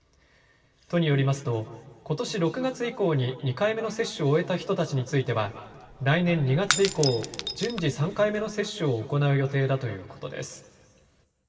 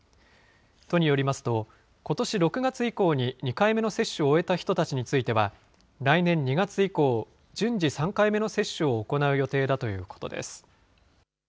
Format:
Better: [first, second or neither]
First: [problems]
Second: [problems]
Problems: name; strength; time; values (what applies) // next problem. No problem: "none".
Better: second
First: background sound (Shatter / Crushing); 8 dB below the speech // room echo; dies away in 1.9 s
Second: none